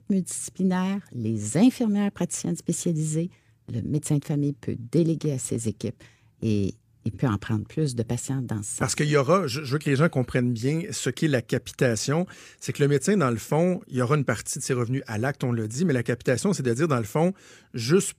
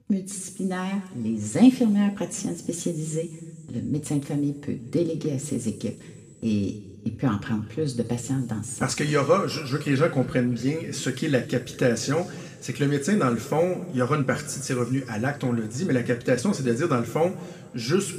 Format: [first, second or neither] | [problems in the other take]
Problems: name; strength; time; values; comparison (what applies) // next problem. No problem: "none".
first | room echo; slight; dies away in 2.1 s // off-mic speech; somewhat distant